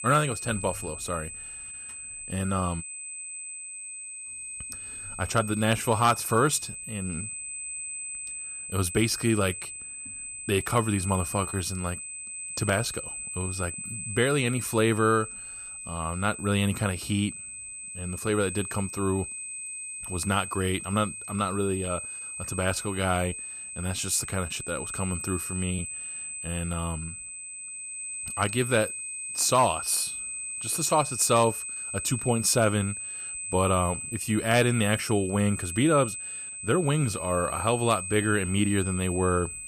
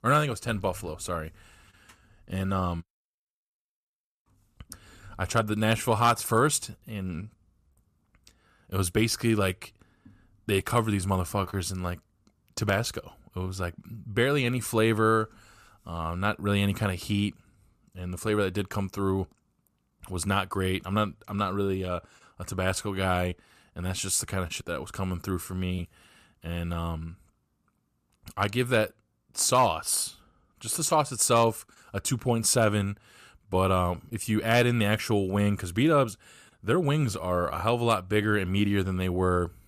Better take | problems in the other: second | high-pitched whine; loud; throughout; 8 kHz, 7 dB below the speech

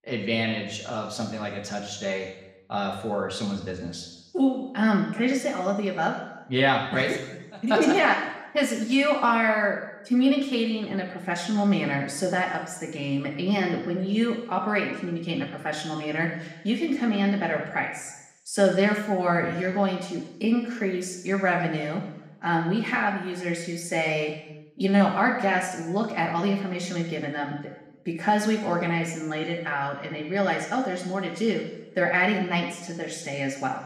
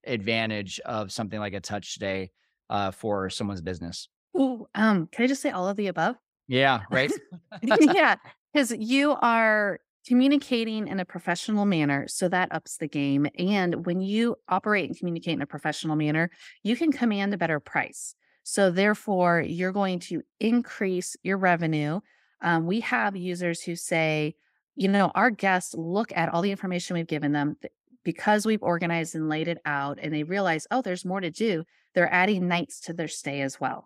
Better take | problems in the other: second | room echo; noticeable; dies away in 0.9 s // off-mic speech; somewhat distant

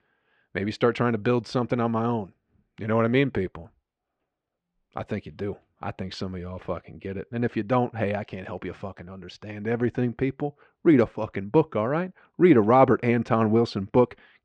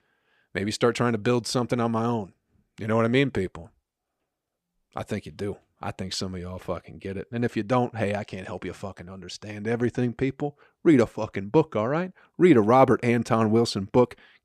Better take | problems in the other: second | muffled; slightly; fading above 3 kHz

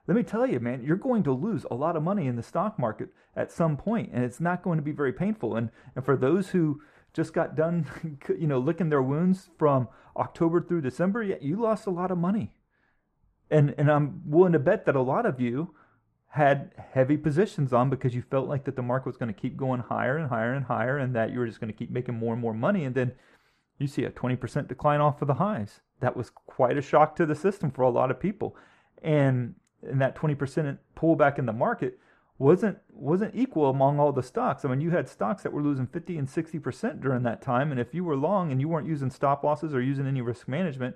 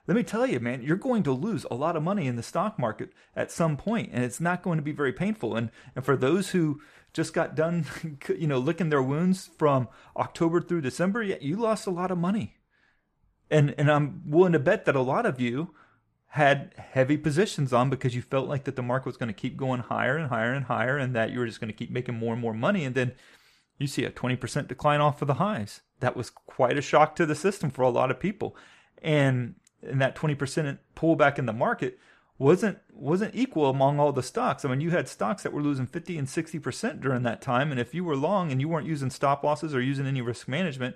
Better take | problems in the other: second | muffled; slightly; fading above 2 kHz

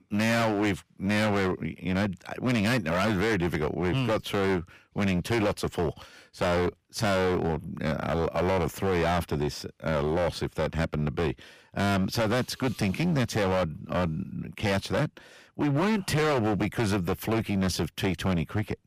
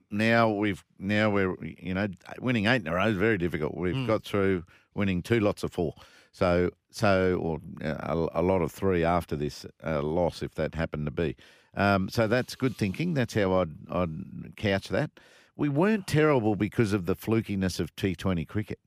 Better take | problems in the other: second | distortion; heavy; 18% of the sound clipped

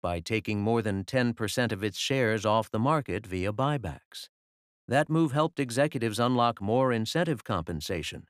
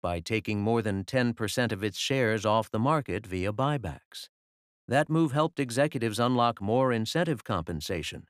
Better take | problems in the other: neither | none

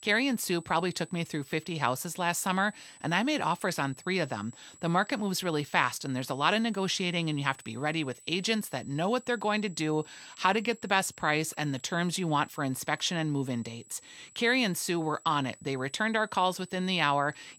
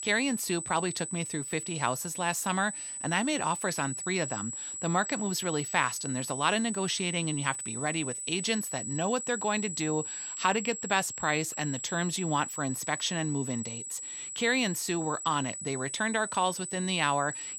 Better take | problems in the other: first | high-pitched whine; loud; throughout; 8 kHz, 5 dB below the speech; faint in the first

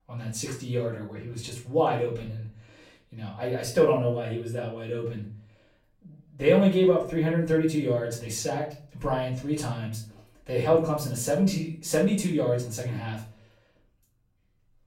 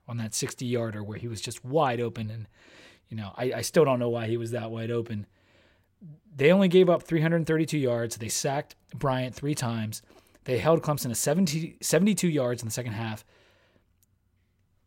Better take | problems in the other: second | off-mic speech; far // room echo; slight; dies away in 0.4 s

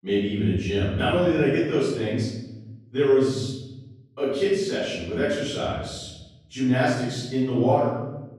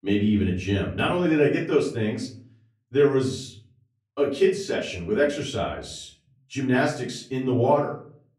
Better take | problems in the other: second | room echo; strong; dies away in 1.2 s; slight in the second // off-mic speech; far; far in the second

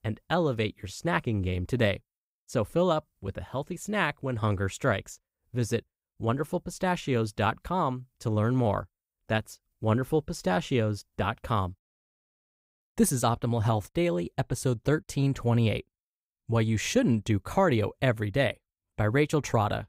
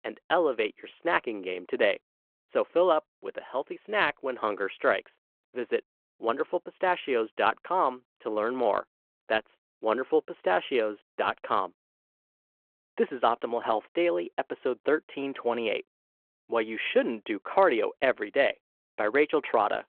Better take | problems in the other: first | phone-call audio

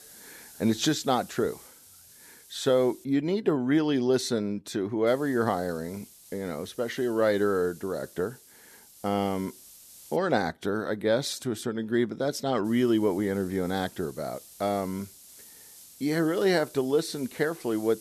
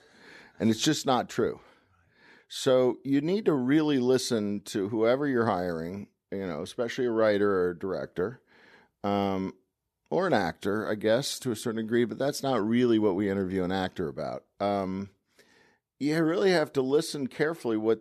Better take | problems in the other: second | hiss; faint; until 3 s, from 5 to 10 s and from 13 s on; 20 dB below the speech

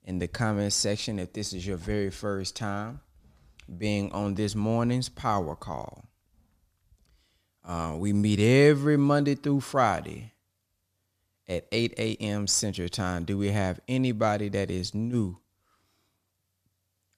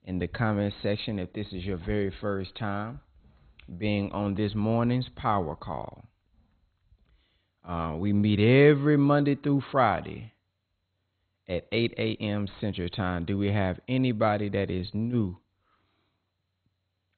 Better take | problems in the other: first | garbled, watery; badly; nothing above 4 kHz

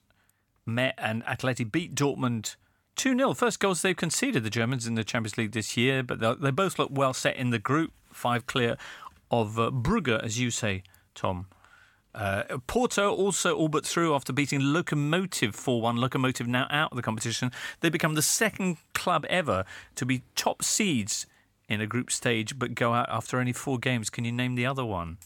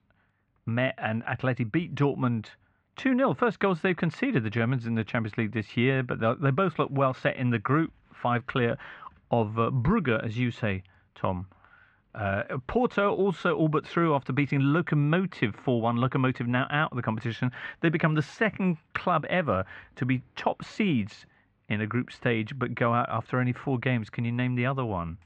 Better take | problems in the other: first | muffled; very; fading above 2.5 kHz

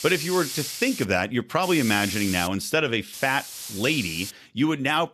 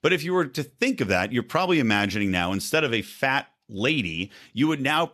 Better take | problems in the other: second | hiss; loud; until 1 s, at 1.5 s and from 3 to 4.5 s; 8 dB below the speech

